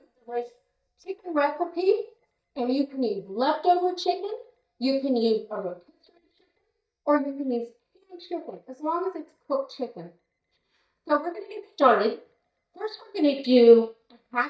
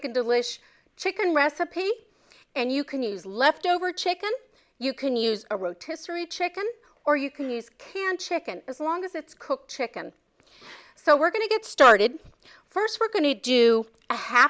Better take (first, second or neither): second